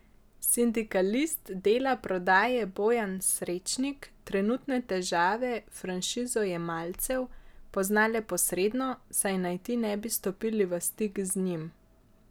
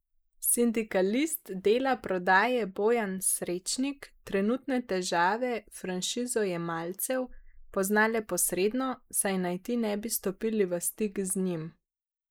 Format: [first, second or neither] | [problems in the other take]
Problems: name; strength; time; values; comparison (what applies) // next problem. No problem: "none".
first | noise reduction (neural mask model Resemble Enhance denoiser)